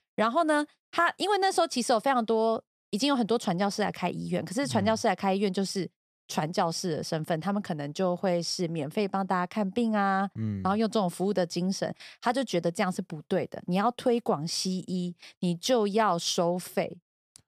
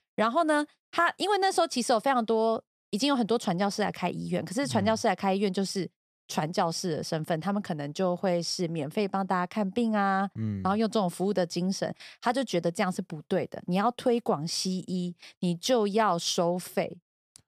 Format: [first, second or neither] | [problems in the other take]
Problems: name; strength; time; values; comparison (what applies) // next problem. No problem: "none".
neither | none